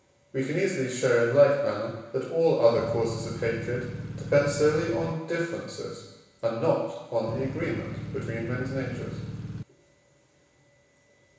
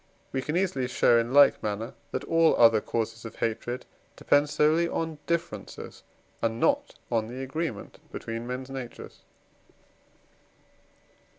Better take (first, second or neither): second